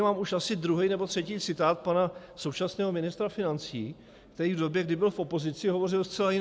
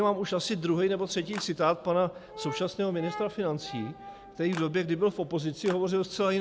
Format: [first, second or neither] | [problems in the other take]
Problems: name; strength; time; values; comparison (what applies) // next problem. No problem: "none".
first | background sound (Clapping + Brass instrument); 16 dB below the speech